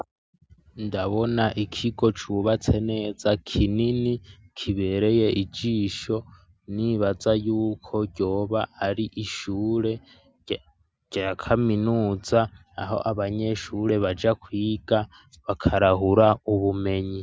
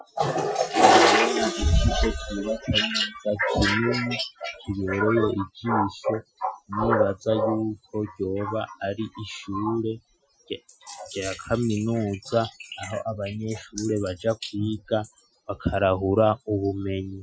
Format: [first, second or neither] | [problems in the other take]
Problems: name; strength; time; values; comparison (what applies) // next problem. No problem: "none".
first | noise reduction (classical method Wiener filter)